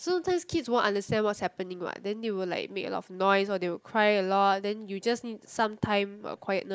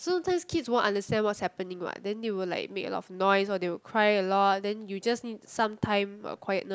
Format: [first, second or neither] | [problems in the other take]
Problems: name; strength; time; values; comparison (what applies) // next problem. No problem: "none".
second | noise reduction (neural mask model Resemble Enhance denoiser)